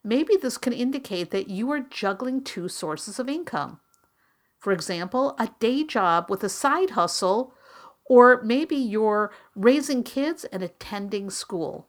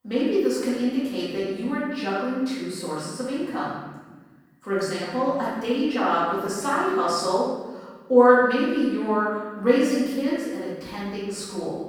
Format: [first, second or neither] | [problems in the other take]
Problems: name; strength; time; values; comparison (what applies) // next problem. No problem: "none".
first | off-mic speech; far // room echo; strong; dies away in 1.2 s